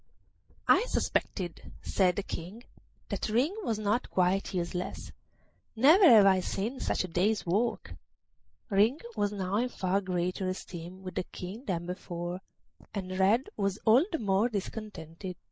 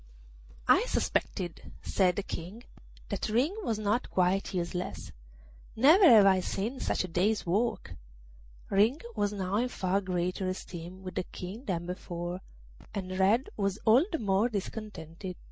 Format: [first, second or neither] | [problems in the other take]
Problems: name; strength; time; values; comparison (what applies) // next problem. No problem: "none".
second | noise reduction (neural mask model Resemble Enhance denoiser)